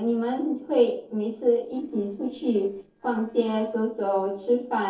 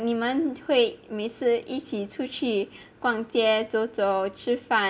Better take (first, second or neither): second